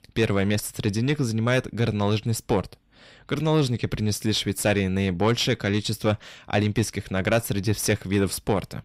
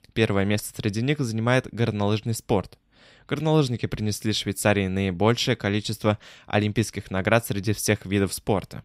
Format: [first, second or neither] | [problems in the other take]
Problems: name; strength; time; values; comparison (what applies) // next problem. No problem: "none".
second | distortion; slight; 10 dB below the speech